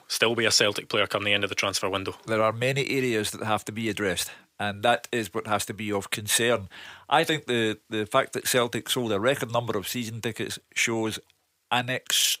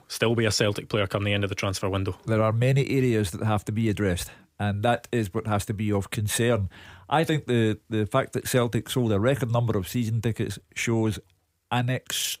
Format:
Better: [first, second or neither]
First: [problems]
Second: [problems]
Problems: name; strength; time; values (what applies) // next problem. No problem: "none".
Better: second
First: thin; somewhat; fading below 1 kHz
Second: none